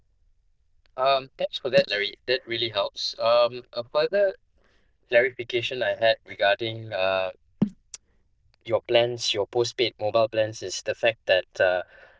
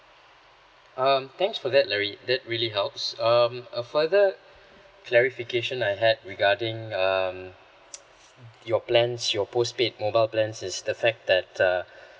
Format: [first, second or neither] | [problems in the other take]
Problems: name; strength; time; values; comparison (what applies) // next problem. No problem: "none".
second | noise reduction (neural diffusion model UNIVERSE++)